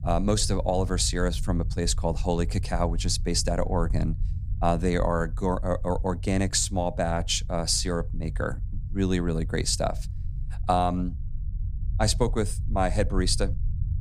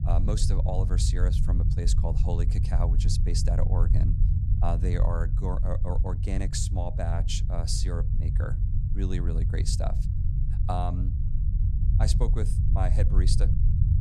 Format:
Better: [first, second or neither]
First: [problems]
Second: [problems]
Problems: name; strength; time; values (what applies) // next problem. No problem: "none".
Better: first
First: low rumble; faint; throughout; 20 dB below the speech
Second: low rumble; loud; throughout; 6 dB below the speech